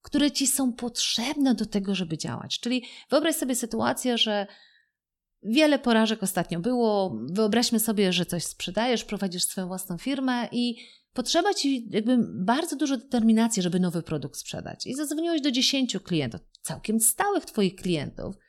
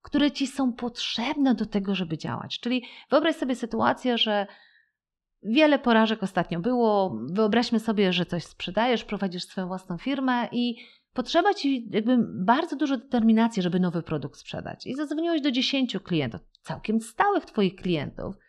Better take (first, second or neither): first